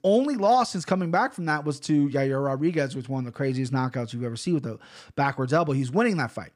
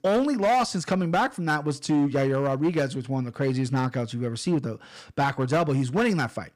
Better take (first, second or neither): first